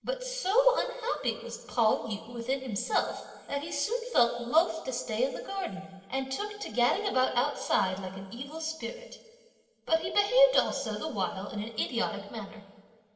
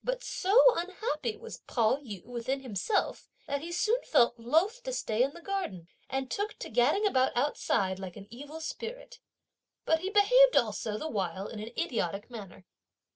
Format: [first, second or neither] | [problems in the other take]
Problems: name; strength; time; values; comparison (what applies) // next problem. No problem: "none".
second | room echo; dies away in 2.2 s